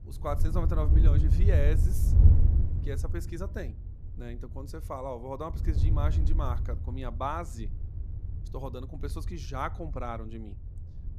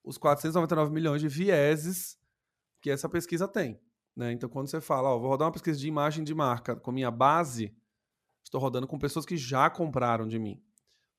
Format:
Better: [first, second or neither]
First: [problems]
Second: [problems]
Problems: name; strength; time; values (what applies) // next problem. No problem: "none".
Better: second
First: wind noise on the microphone; heavy; 7 dB below the speech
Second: none